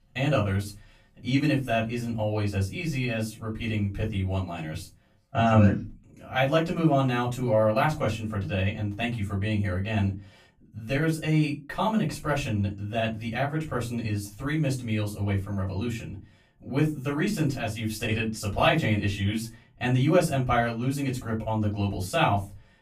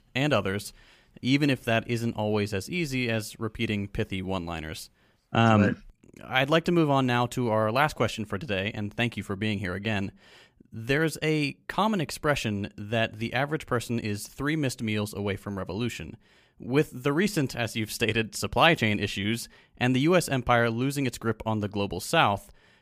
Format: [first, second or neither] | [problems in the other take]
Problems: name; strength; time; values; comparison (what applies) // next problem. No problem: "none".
second | off-mic speech; far // room echo; slight; dies away in 0.3 s